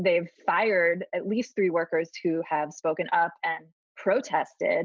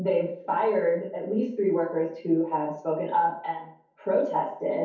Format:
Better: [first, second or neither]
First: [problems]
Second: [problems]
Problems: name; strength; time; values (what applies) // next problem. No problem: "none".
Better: first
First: none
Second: room echo; dies away in 0.6 s